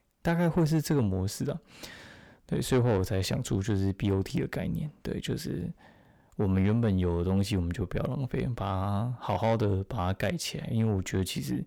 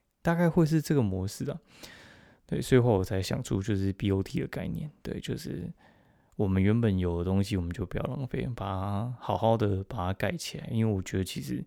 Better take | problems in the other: second | distortion; slight; 10 dB below the speech

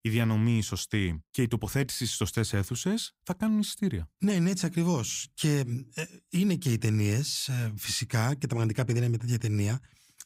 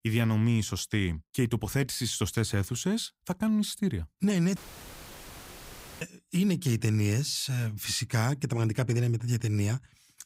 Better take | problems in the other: first | audio cutting out; filled with static; at 4.5 s for 1.5 s

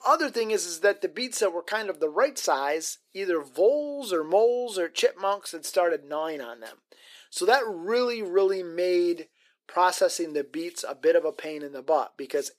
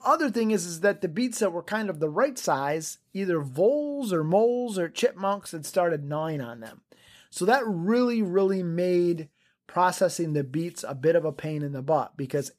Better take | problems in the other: second | thin; somewhat; fading below 350 Hz

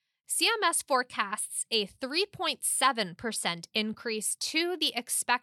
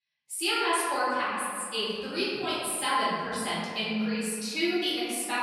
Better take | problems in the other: first | off-mic speech; far // room echo; strong; dies away in 2 s

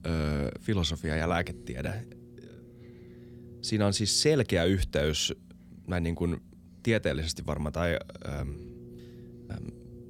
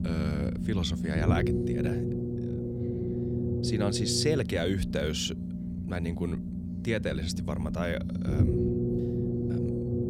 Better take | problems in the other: first | low rumble; loud; throughout; 4 dB below the speech; faint in the first

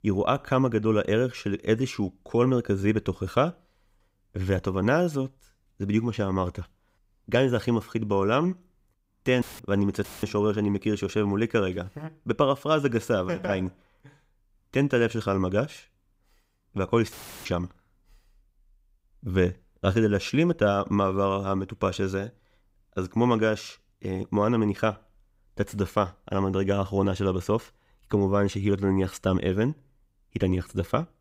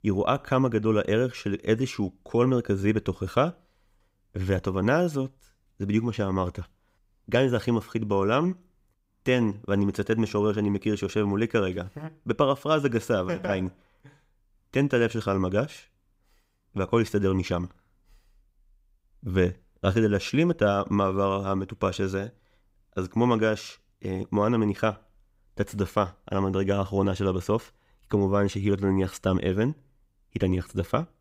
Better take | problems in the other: second | audio cutting out; filled with static; at 9.5 s, at 10 s and at 17 s

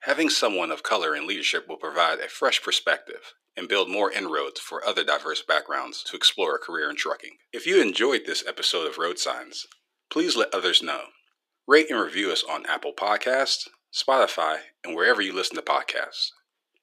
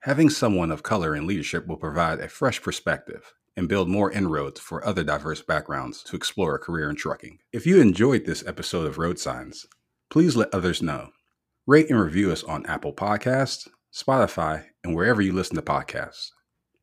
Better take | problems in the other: second | thin; very; fading below 350 Hz

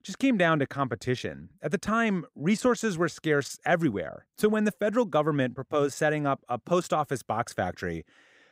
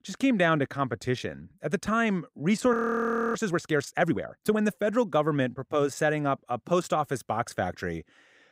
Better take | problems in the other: first | audio freezing; at 2.5 s for 0.5 s

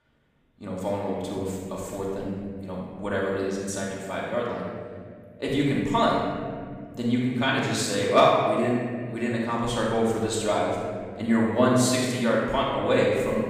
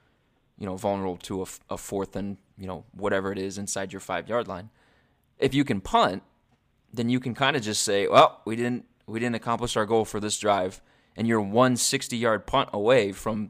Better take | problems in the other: second | off-mic speech; far // room echo; strong; dies away in 2.3 s

